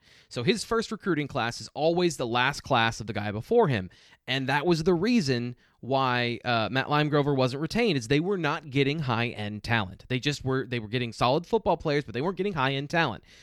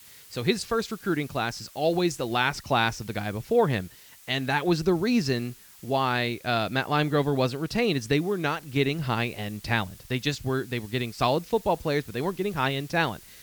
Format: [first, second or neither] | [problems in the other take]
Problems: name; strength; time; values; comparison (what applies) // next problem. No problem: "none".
first | hiss; faint; throughout; 20 dB below the speech